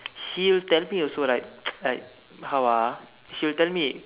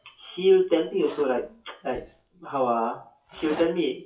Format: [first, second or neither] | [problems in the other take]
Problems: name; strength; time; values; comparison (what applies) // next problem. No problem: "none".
first | noise reduction (classical method WPE with log-MMSE)